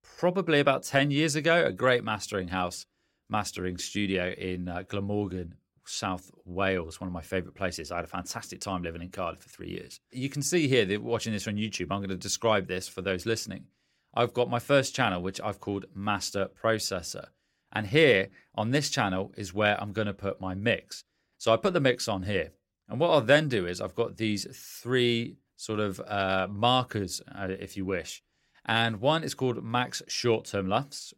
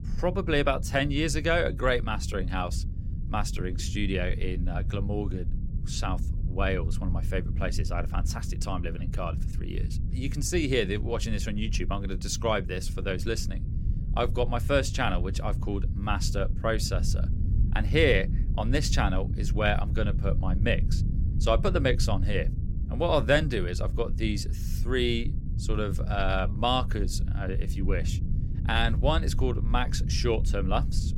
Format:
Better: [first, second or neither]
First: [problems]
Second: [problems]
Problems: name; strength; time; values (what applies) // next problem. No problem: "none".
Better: first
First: none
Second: low rumble; noticeable; throughout; 15 dB below the speech